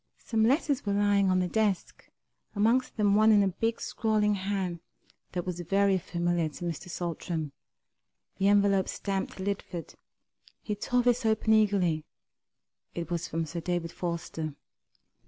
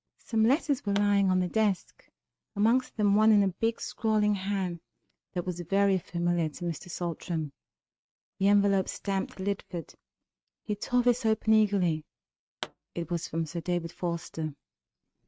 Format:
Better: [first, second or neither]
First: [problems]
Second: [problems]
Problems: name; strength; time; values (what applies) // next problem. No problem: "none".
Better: first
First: none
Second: noise reduction (neural mask model RNNoise)